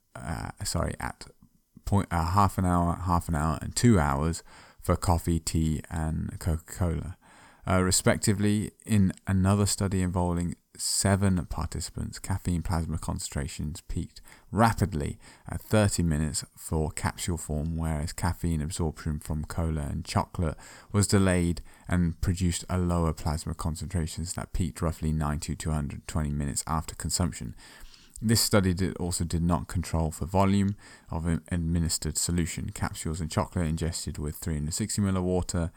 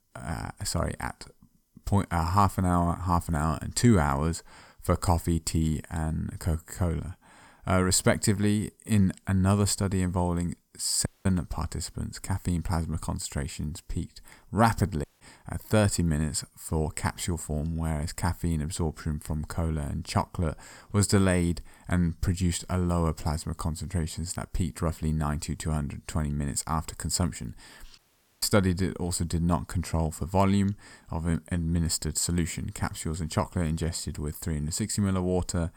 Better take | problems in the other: first | audio cutting out; at 11 s, at 15 s and at 28 s

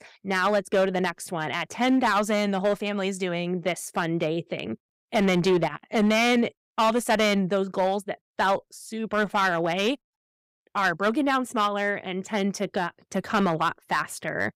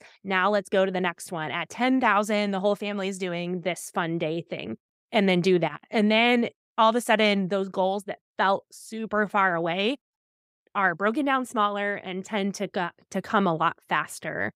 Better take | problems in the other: second | distortion; slight; 5% of the sound clipped

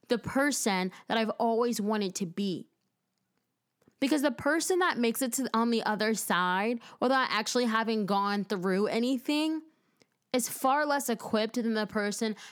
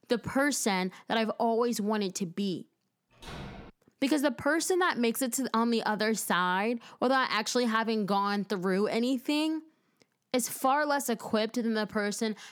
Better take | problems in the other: first | door banging; faint; at 3 s; peak 15 dB below the speech

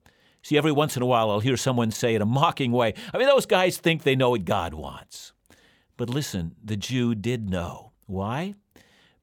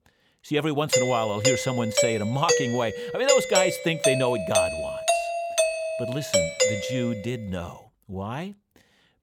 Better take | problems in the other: first | doorbell; loud; from 1 to 7 s; peak 6 dB above the speech

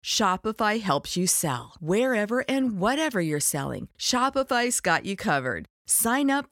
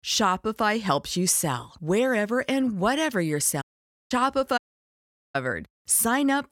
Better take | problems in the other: first | audio cutting out; at 3.5 s and at 4.5 s for 1 s

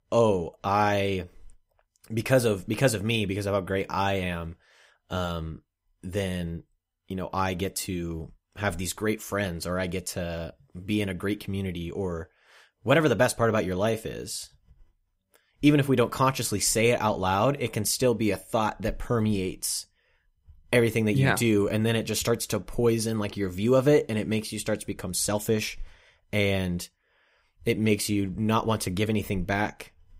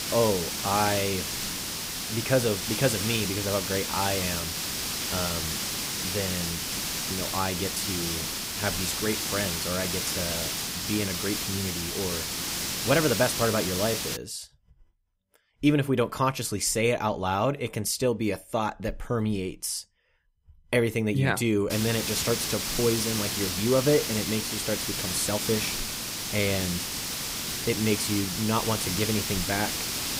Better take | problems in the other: first | hiss; loud; until 14 s and from 22 s on; 1 dB below the speech

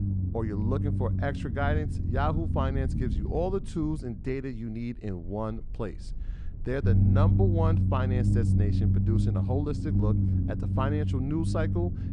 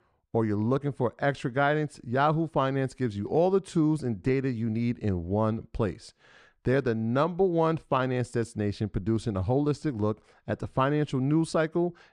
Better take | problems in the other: second | low rumble; loud; throughout; 5 dB below the speech

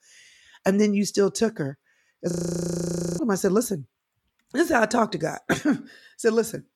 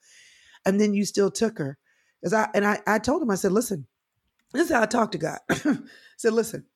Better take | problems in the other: second | audio freezing; at 2.5 s for 1 s

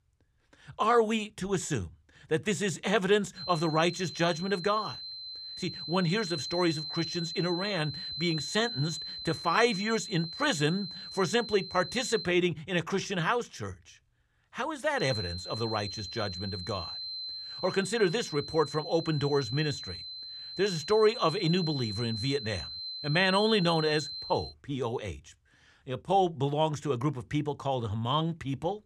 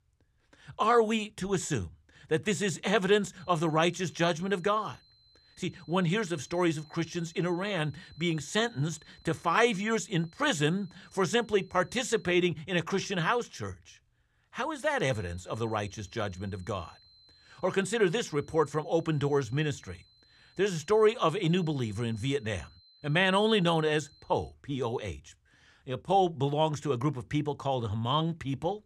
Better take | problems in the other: second | high-pitched whine; loud; from 3.5 to 12 s and from 15 to 25 s; 4 kHz, 7 dB below the speech; faint in the second

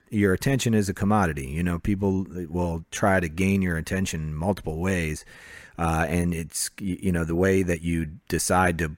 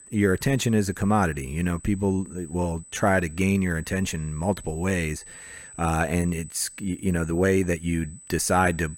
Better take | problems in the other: first | high-pitched whine; noticeable; throughout; 8 kHz, 20 dB below the speech

